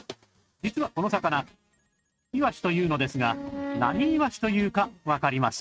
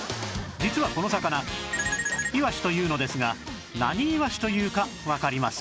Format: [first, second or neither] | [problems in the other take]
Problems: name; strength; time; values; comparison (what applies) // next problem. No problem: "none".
second | noise reduction (neural mask model RNNoise)